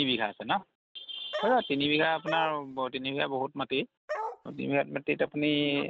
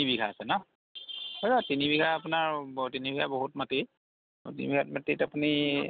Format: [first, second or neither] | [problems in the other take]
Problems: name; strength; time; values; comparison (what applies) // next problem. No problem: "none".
second | noise reduction (neural mask model RNNoise)